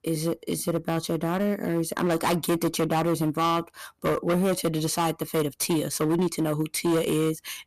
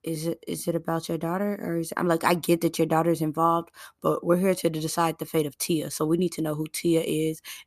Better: second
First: distortion; heavy; 15% of the sound clipped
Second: none

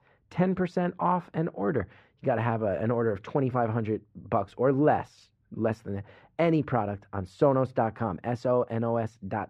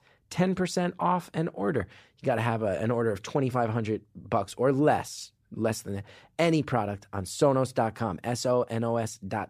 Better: second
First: muffled; very; fading above 4 kHz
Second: none

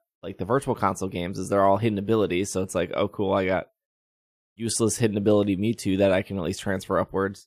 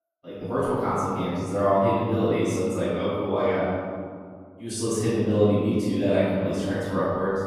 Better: first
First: none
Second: off-mic speech; far // room echo; strong; dies away in 2 s

